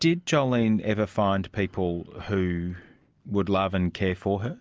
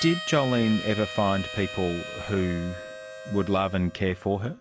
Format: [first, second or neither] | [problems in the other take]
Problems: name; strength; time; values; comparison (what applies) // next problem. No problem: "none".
first | background sound (Harmonica); 11 dB below the speech